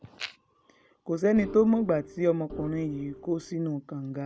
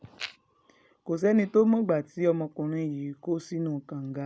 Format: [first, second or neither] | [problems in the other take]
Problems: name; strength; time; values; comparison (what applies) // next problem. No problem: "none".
second | background sound (Organ); 15 dB below the speech